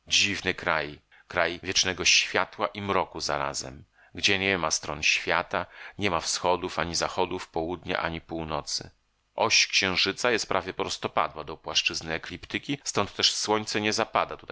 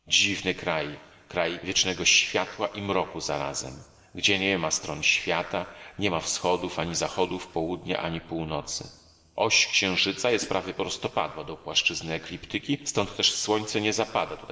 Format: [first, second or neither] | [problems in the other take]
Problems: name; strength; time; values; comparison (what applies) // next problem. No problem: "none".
first | background sound (Hi-hat); 15 dB below the speech // room echo; dies away in 2.6 s